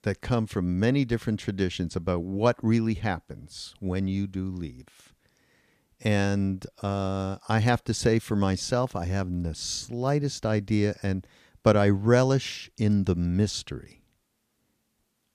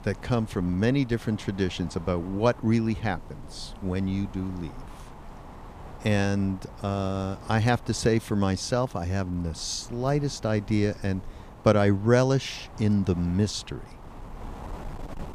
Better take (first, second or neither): first